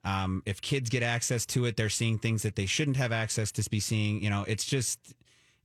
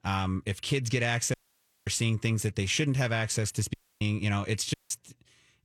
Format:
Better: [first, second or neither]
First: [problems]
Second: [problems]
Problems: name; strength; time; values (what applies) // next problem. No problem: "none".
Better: first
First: none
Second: audio cutting out; at 1.5 s for 0.5 s, at 3.5 s and at 4.5 s